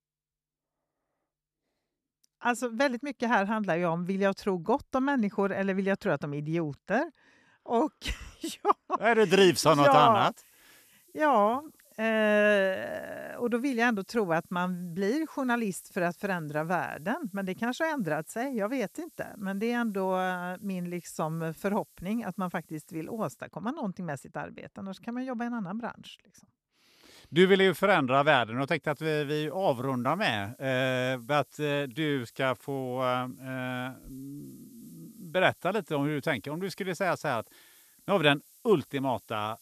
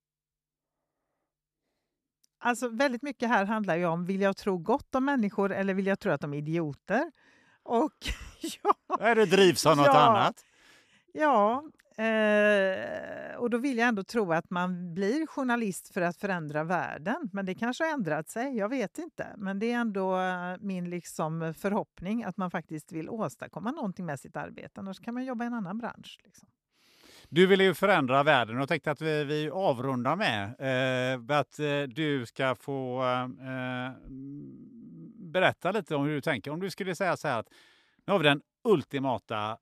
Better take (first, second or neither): second